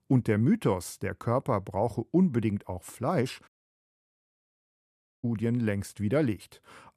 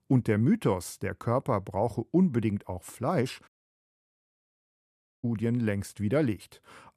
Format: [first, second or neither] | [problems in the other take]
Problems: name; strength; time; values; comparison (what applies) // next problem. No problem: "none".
neither | audio cutting out; at 3.5 s for 2 s; the same in both